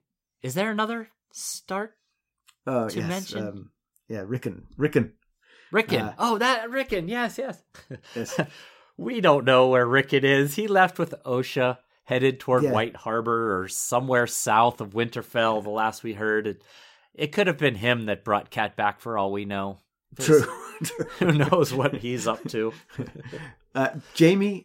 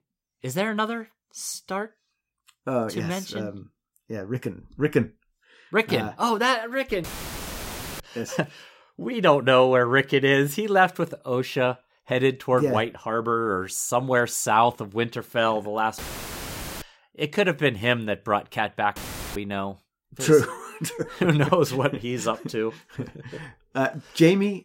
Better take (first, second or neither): first